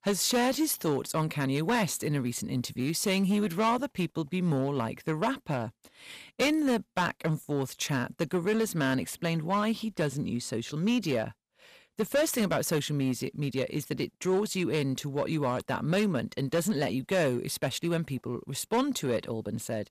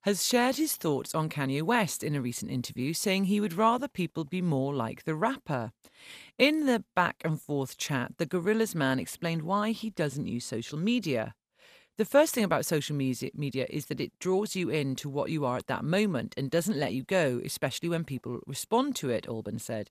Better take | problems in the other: second | distortion; slight; 5% of the sound clipped

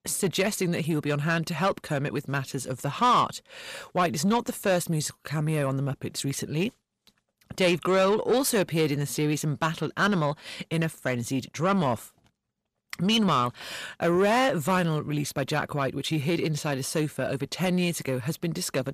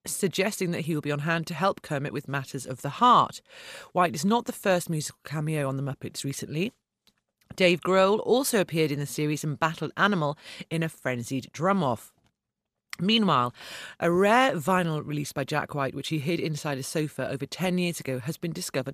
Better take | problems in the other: second | distortion; slight; 10 dB below the speech

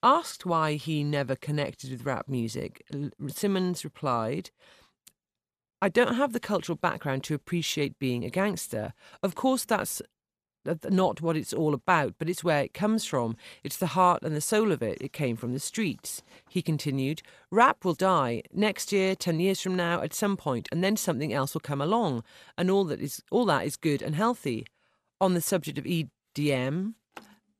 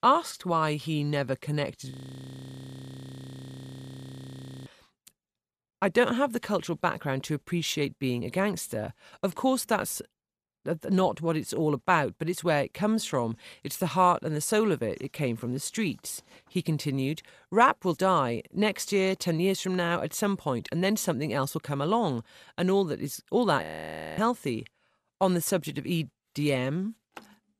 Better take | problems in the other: first | audio freezing; at 2 s for 3 s and at 24 s for 0.5 s

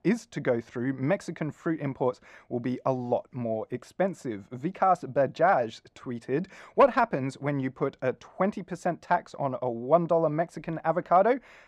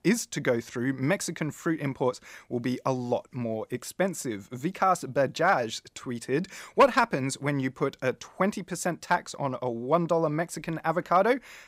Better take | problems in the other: second | muffled; slightly; fading above 1.5 kHz

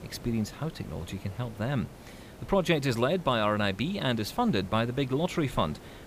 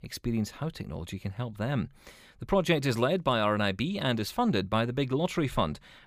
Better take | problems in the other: second | hiss; noticeable; throughout; 20 dB below the speech

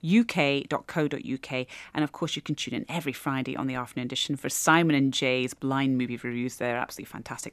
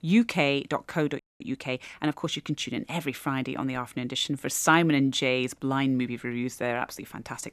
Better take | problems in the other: first | audio freezing; at 1 s

